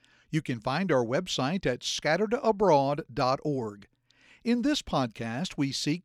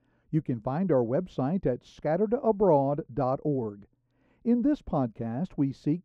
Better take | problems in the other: first | muffled; very; fading above 1.5 kHz

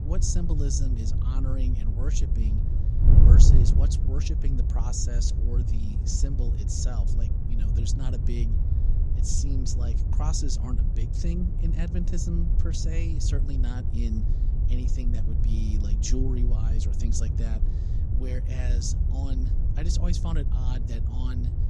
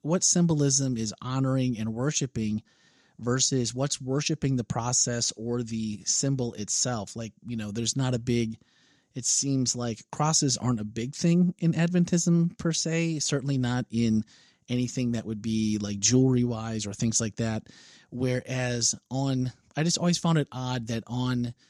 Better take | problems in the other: second | wind noise on the microphone; heavy; 3 dB below the speech

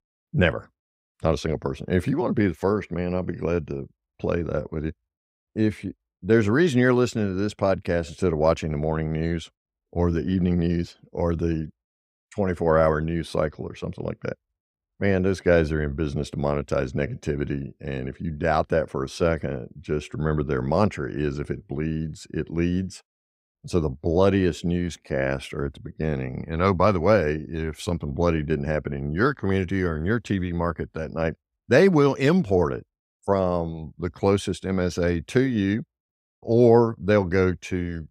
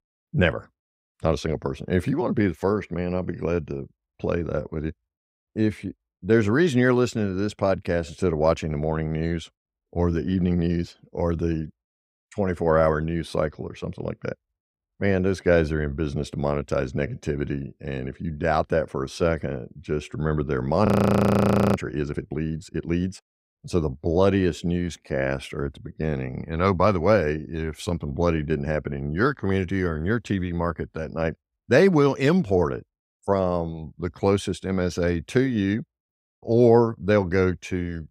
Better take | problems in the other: first | audio freezing; at 21 s for 1 s

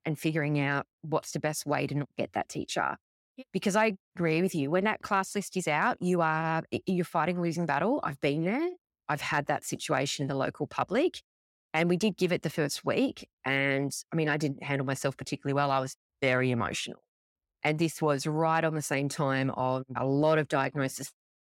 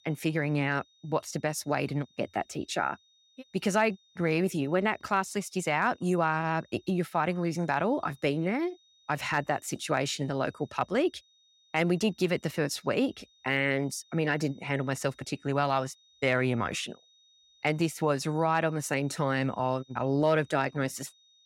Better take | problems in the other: first | high-pitched whine; faint; throughout; 3.5 kHz, 30 dB below the speech

